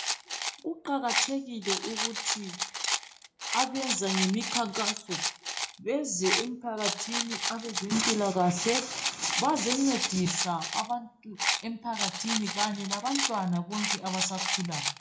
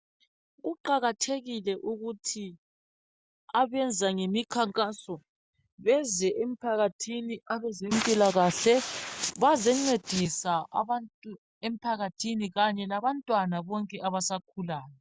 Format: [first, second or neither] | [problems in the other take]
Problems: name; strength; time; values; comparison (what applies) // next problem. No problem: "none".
second | background sound (Rattle); 1 dB below the speech // room echo; dies away in 0.4 s